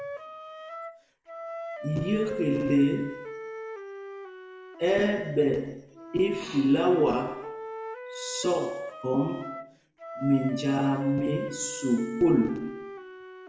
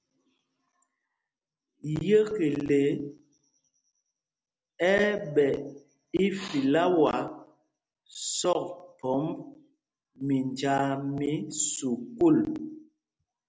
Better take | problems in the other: second | background sound (Wind instrument, woodwind instrument); 11 dB below the speech // room echo; dies away in 0.8 s

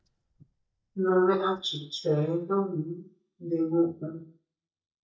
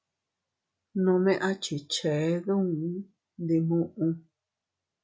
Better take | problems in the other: second | noise reduction (neural mask model DeepFilterNet 3)

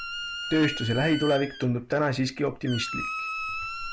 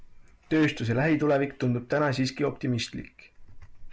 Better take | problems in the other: second | background sound (Squeak); 8 dB below the speech

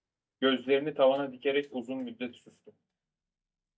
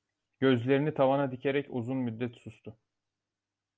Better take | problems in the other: second | noise reduction (neural mask model DeepFilterNet 3)

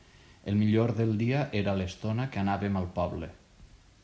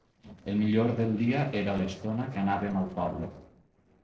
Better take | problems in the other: first | noise reduction (neural separator model SepFormer DNS4)

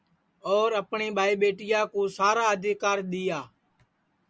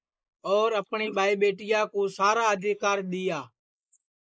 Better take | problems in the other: first | noise reduction (neural mask model Resemble Enhance denoiser)

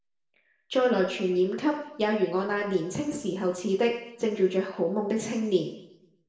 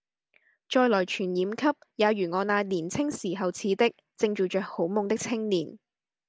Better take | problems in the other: second | room echo; dies away in 0.8 s

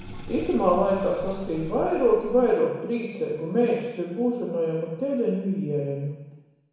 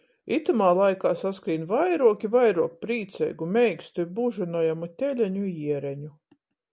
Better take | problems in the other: second | background sound (Sink (filling or washing)); 17 dB below the speech // room echo; dies away in 1.1 s

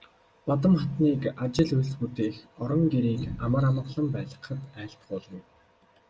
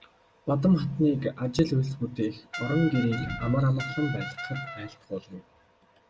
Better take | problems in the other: first | background sound (Brass instrument); 10 dB below the speech

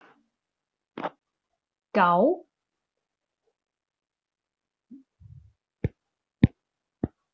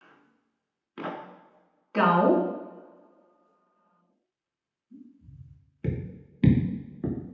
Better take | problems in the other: first | room echo; dies away in 0.9 s

